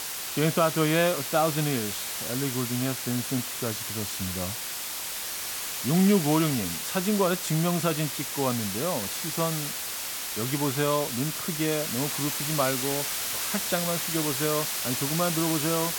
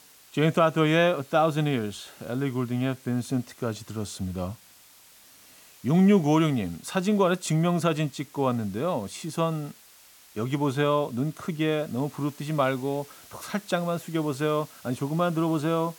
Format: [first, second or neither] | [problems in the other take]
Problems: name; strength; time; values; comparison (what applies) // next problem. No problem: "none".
second | hiss; loud; throughout; 1 dB below the speech; faint in the second